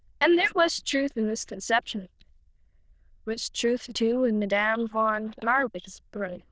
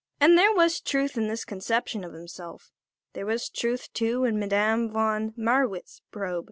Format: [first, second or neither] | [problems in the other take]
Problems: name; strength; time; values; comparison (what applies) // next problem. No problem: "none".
second | noise reduction (neural diffusion model UNIVERSE++)